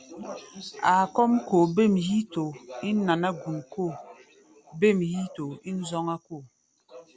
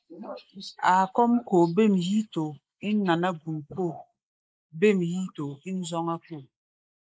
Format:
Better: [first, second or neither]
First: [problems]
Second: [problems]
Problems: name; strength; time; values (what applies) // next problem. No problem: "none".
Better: first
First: none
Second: noise reduction (neural mask model Resemble Enhance denoiser)